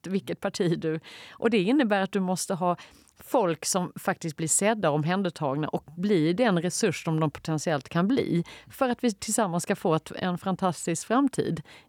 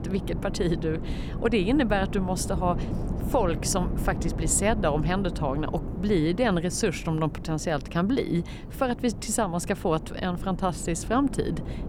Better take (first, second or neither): first